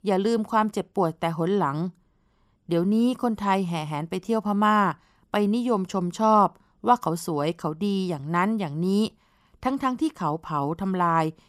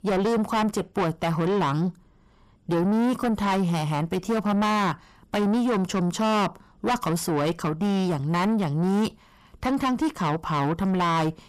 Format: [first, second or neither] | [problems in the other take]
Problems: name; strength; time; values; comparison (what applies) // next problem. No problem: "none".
first | distortion; heavy; 6 dB below the speech